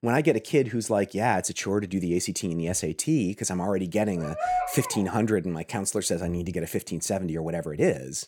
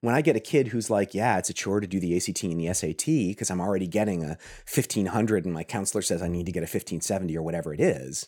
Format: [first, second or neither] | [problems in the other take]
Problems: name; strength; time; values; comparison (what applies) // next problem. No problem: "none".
second | dog barking; noticeable; at 4 s; peak level with the speech